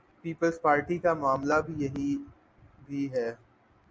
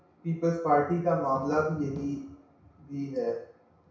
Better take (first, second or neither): first